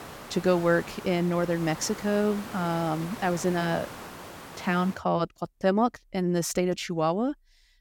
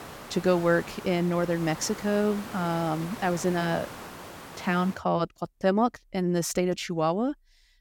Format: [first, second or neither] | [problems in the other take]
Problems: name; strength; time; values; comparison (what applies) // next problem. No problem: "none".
neither | hiss; noticeable; until 5 s; 15 dB below the speech; the same in both